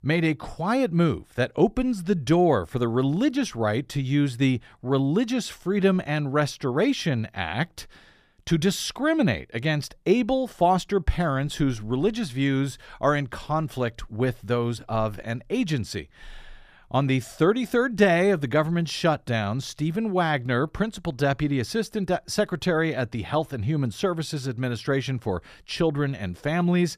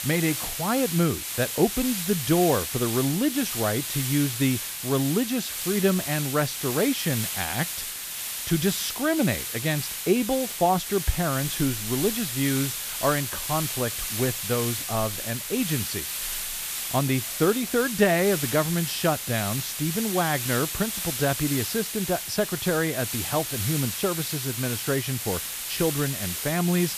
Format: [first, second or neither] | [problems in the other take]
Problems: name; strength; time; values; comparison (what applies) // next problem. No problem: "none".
first | hiss; loud; throughout; 3 dB below the speech